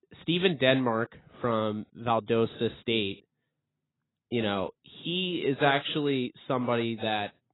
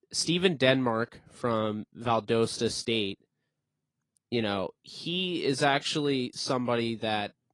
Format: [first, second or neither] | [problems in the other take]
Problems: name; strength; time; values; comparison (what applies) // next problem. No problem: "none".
second | garbled, watery; badly; nothing above 4 kHz; slightly in the second